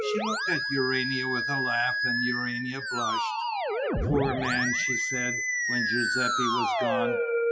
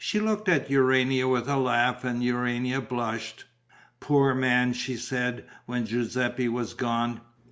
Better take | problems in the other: second | noise reduction (classical method Wiener filter)

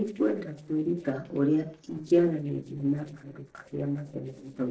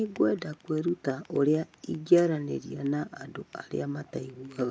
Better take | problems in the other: second | noise reduction (neural separator model SepFormer DNS4)

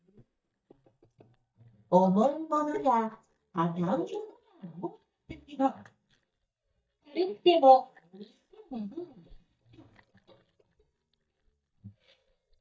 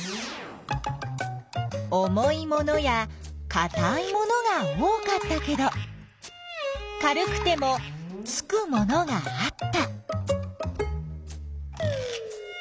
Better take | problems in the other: second | noise reduction (neural mask model DeepFilterNet 3)

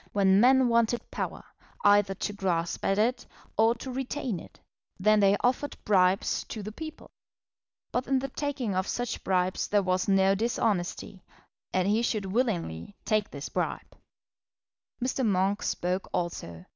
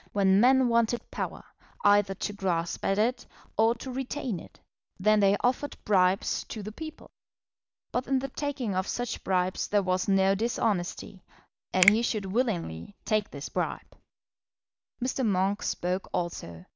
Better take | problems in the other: first | background sound (Finger snapping); 4 dB below the speech

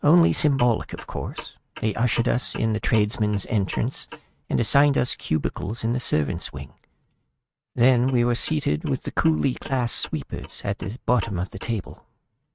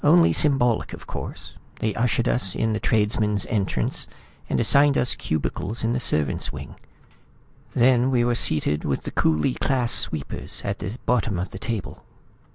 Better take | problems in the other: second | noise reduction (neural mask model RNNoise)

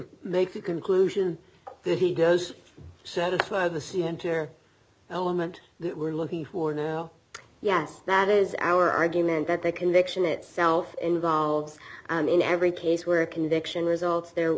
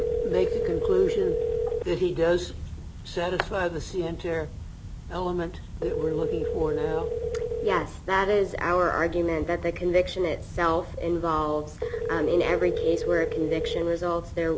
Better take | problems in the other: first | background sound (Telephone); 4 dB below the speech

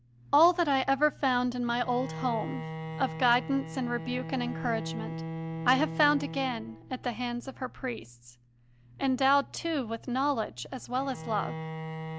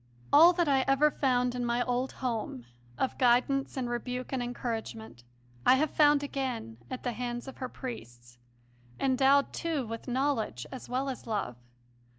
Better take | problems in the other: second | background sound (Bowed string instrument); 10 dB below the speech

